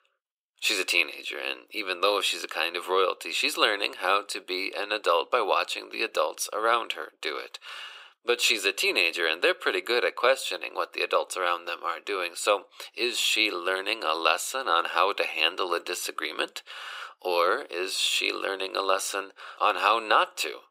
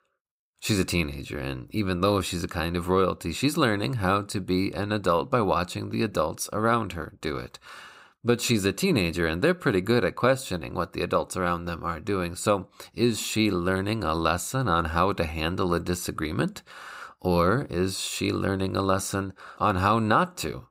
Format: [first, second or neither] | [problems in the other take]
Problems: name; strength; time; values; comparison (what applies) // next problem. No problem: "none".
second | thin; very; fading below 400 Hz